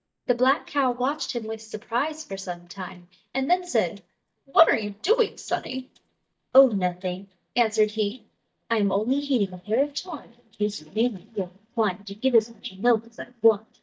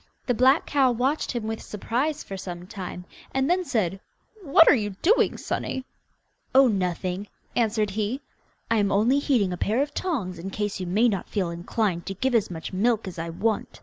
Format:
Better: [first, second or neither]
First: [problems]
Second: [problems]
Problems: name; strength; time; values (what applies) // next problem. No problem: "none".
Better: second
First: noise reduction (neural mask model DeepFilterNet 3)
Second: none